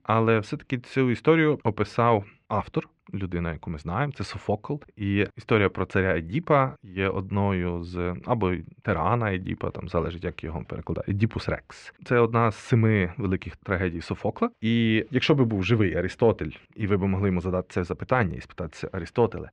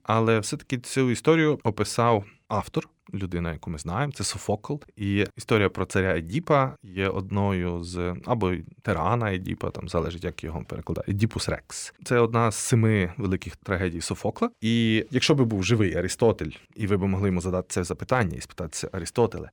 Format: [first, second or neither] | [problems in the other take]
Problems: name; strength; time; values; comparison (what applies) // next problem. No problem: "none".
second | muffled; slightly; fading above 2.5 kHz